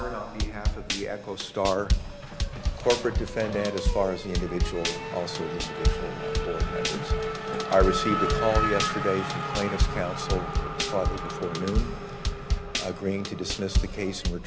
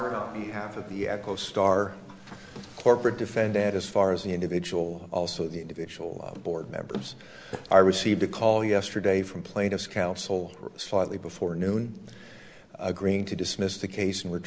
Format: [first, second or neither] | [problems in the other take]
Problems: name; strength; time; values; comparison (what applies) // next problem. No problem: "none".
second | background sound (Drum kit + Race car, auto racing / Accelerating, revving, vroom); 2 dB above the speech